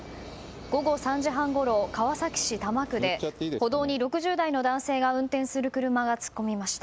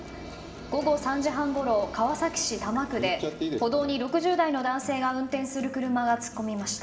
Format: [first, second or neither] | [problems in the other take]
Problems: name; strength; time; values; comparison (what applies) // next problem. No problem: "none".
first | background sound (Acoustic guitar); 18 dB below the speech // room echo; dies away in 1.1 s